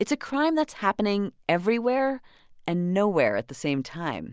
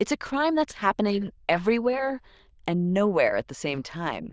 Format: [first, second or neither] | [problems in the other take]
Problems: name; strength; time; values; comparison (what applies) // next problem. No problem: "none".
first | noise reduction (neural diffusion model UNIVERSE++)